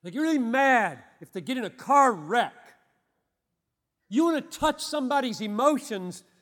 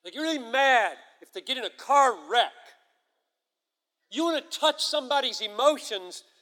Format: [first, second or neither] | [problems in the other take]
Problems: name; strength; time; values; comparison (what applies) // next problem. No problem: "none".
first | thin; somewhat; fading below 350 Hz